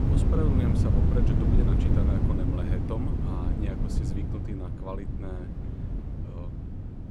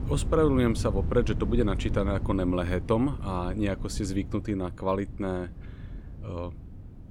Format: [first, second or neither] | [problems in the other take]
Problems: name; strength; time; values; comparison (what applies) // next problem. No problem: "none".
second | wind noise on the microphone; heavy; 2 dB above the speech; occasional gusts in the second